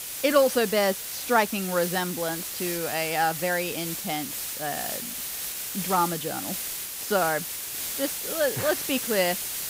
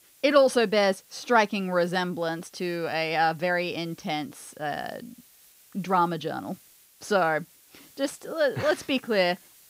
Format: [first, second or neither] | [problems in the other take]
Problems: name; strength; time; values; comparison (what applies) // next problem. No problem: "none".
second | hiss; loud; throughout; 4 dB below the speech; faint in the second